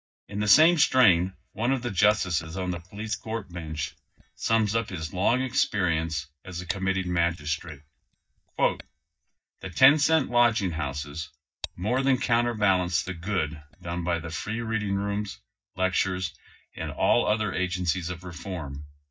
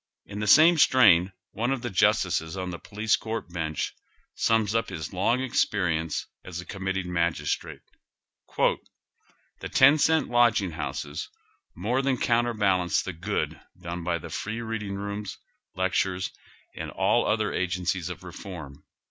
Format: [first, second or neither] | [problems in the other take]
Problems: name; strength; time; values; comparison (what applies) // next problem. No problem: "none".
second | noise reduction (neural mask model DeepFilterNet 3)